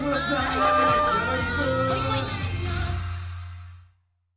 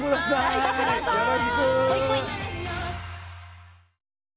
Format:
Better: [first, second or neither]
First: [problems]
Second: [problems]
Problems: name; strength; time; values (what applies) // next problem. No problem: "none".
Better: second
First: background sound (Wind instrument, woodwind instrument); as loud as the speech // room echo; dies away in 1.4 s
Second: none